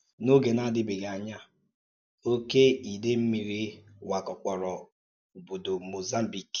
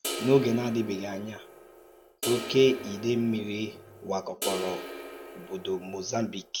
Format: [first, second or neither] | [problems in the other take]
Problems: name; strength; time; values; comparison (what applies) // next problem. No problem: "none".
first | background sound (Crash cymbal); 10 dB below the speech